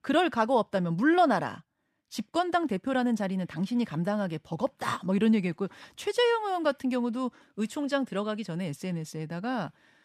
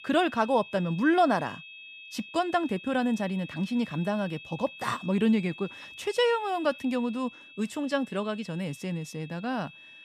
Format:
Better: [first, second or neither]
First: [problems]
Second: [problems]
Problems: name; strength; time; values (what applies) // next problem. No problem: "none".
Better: first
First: none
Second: high-pitched whine; noticeable; throughout; 2.5 kHz, 15 dB below the speech